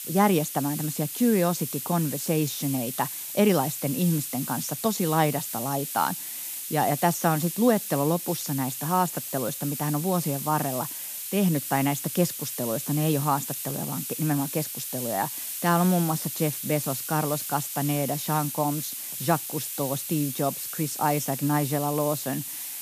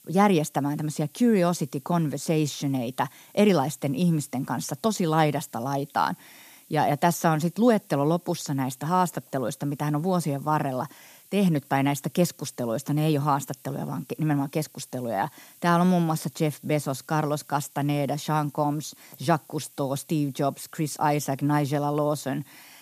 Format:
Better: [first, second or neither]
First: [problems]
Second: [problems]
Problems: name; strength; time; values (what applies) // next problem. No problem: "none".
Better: second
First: hiss; loud; throughout; 5 dB below the speech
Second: hiss; faint; throughout; 25 dB below the speech